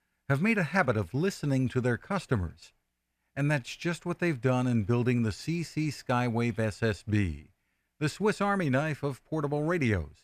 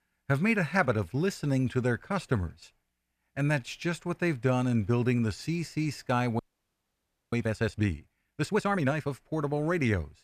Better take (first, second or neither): first